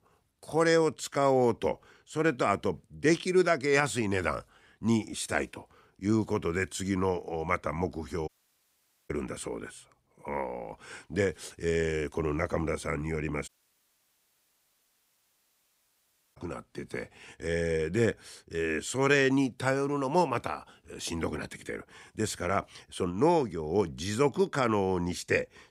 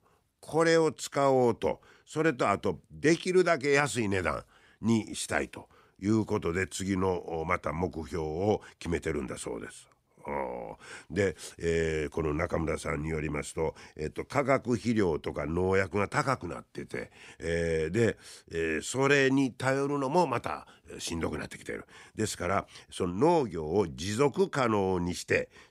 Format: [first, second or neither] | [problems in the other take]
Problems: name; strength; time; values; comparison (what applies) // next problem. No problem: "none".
second | audio cutting out; at 8.5 s for 1 s and at 13 s for 3 s